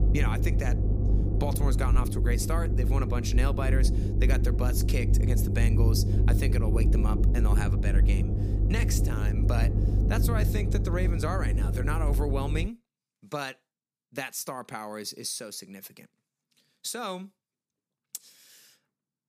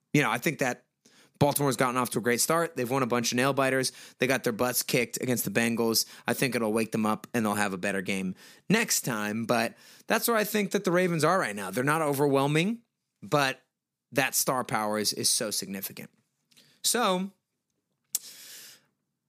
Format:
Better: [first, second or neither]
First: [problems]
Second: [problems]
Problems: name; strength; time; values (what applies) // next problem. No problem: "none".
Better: second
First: low rumble; loud; until 13 s; 4 dB below the speech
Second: none